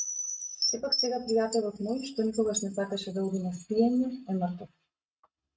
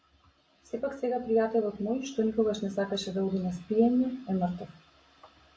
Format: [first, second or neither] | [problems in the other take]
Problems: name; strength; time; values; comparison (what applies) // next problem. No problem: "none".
second | noise reduction (neural mask model RNNoise)